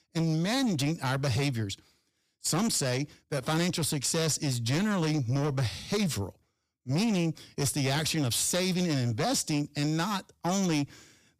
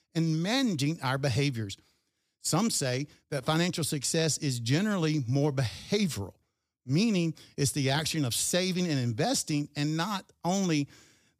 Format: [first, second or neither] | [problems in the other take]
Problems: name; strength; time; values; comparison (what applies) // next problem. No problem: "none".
second | distortion; slight; 10 dB below the speech